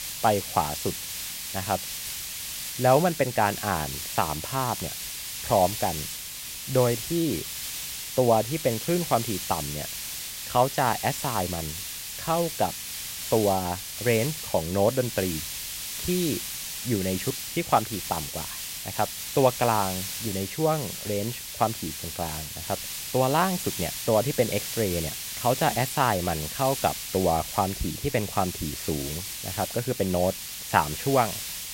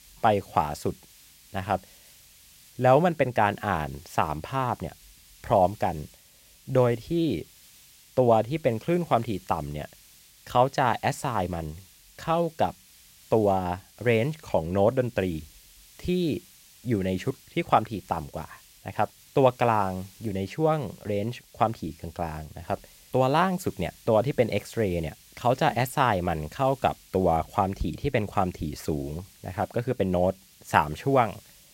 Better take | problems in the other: second | hiss; loud; throughout; 5 dB below the speech; faint in the second

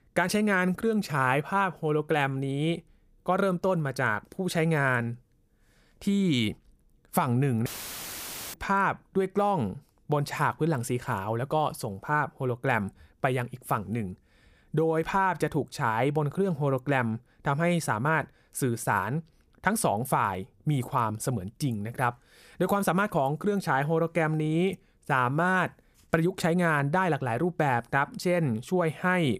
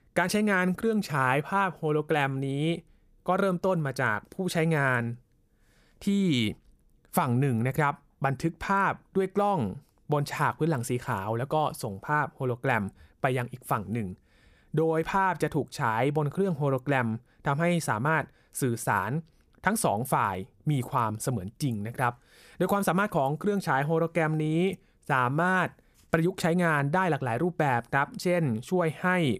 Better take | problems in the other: second | audio cutting out; filled with static; at 7.5 s for 1 s

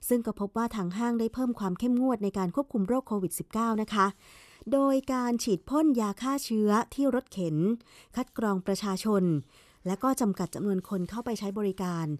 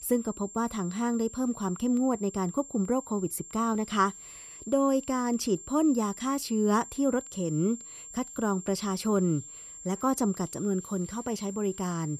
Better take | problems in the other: first | high-pitched whine; noticeable; throughout; 7.5 kHz, 15 dB below the speech

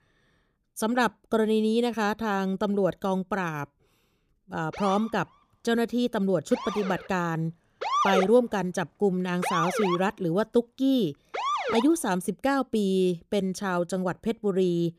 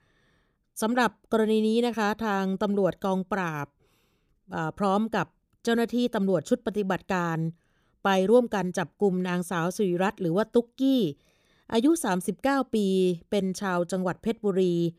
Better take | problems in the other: second | siren; loud; from 4.5 to 12 s; peak 2 dB above the speech

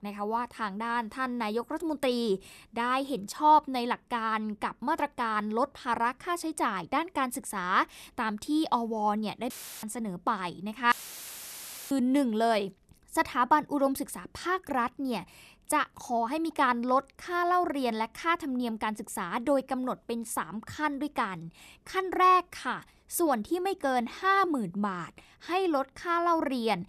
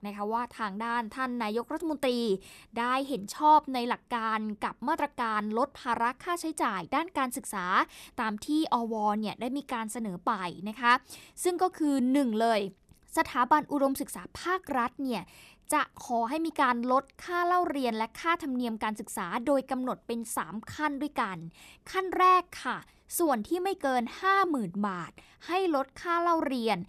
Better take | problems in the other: second | audio cutting out; filled with static; at 9.5 s and at 11 s for 1 s

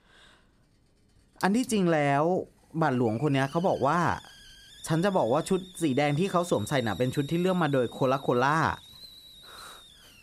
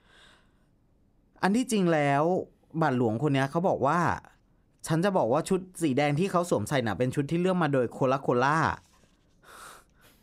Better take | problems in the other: second | hiss; faint; throughout; 20 dB below the speech

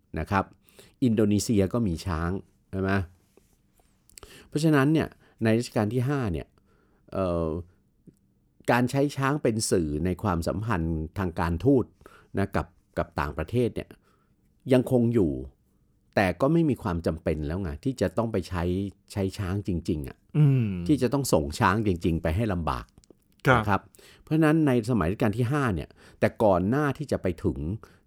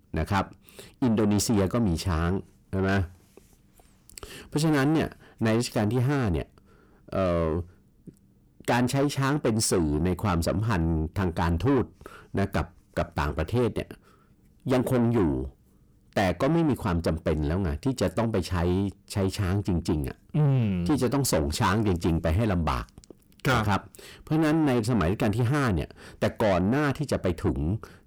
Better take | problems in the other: first | distortion; heavy; 8 dB below the speech

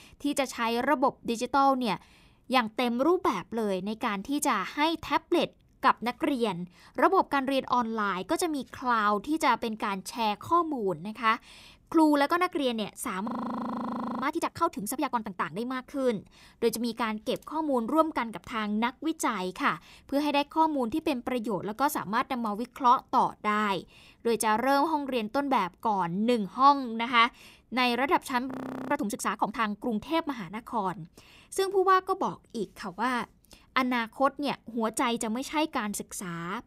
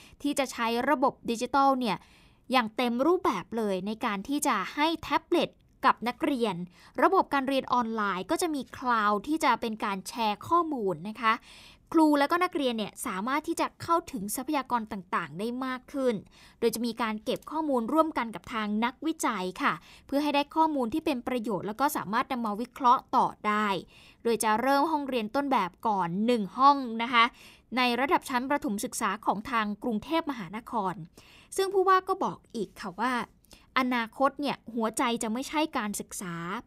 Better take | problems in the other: second | audio freezing; at 13 s for 1 s and at 29 s

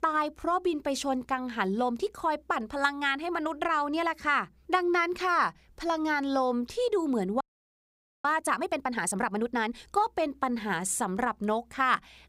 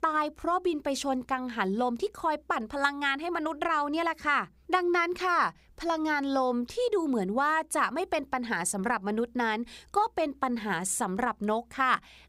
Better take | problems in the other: second | audio freezing; at 7.5 s for 1 s

